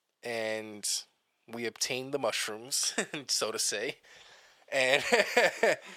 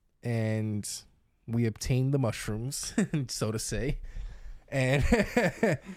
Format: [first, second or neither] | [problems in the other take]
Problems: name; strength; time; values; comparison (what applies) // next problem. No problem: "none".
second | thin; very; fading below 600 Hz